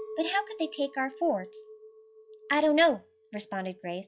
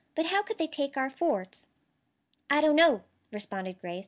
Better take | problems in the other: second | noise reduction (classical method log-MMSE)

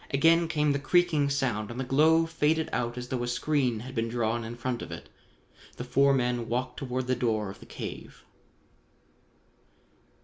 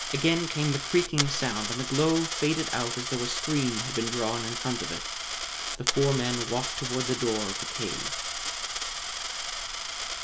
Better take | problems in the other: first | background sound (Coin (dropping)); 3 dB below the speech

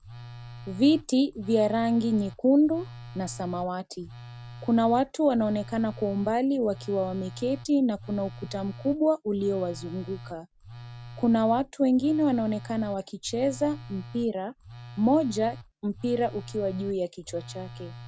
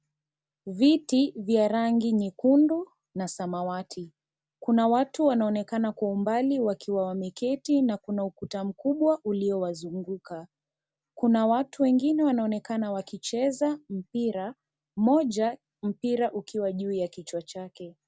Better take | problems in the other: second | background sound (Telephone); 16 dB below the speech

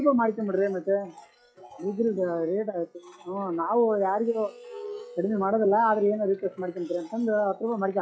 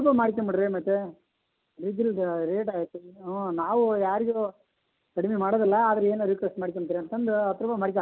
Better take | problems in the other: second | noise reduction (classical method log-MMSE)

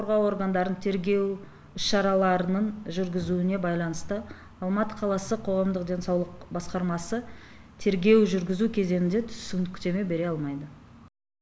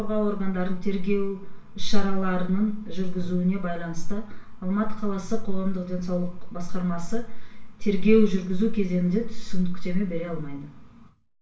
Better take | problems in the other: first | room echo; dies away in 0.3 s

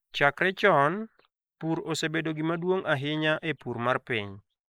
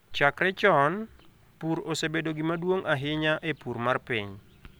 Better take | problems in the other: second | noise reduction (neural mask model Resemble Enhance denoiser)

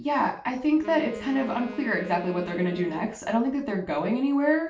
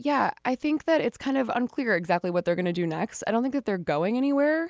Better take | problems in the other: second | background sound (Wind instrument, woodwind instrument); 16 dB below the speech // room echo; dies away in 0.3 s

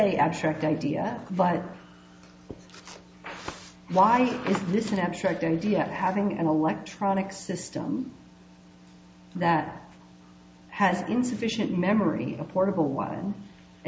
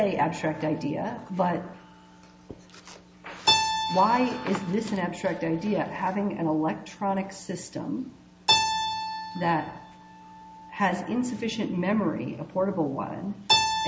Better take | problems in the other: first | background sound (Keyboard (musical)); 4 dB below the speech

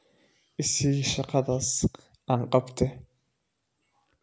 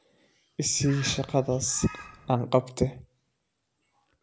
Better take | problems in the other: first | background sound (Bird); 16 dB below the speech

